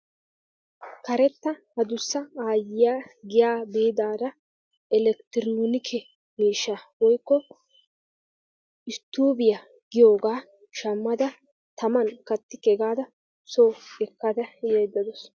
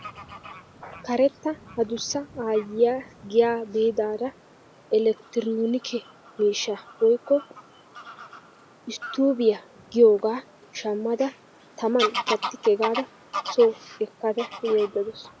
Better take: first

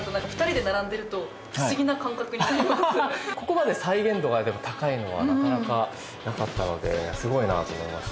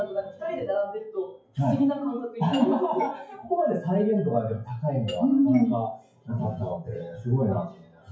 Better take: first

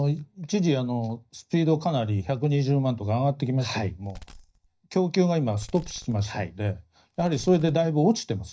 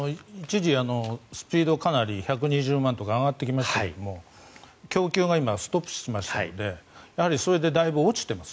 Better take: second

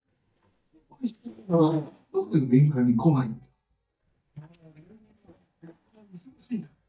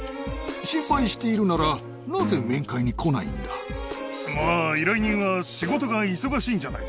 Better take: second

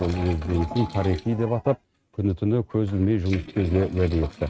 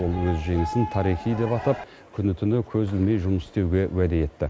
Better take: second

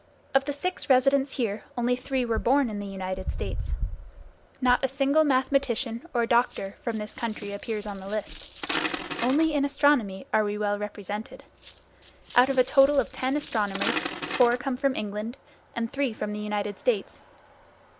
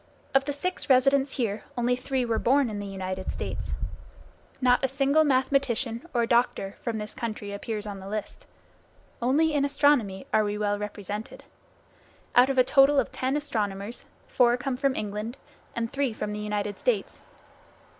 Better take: second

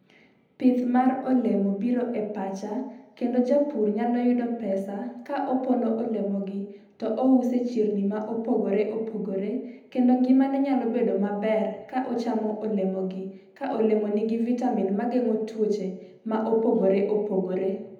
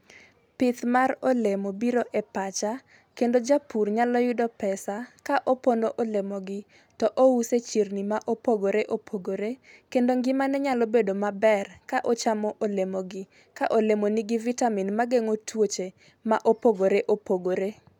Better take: second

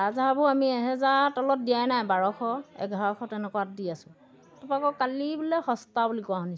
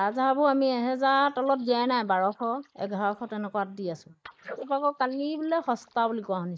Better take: first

